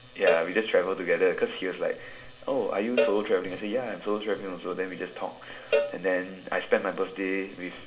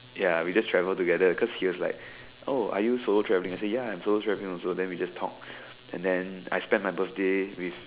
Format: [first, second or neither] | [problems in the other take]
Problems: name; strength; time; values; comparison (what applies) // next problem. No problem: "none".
second | background sound (Cowbell); 5 dB below the speech // room echo; dies away in 0.8 s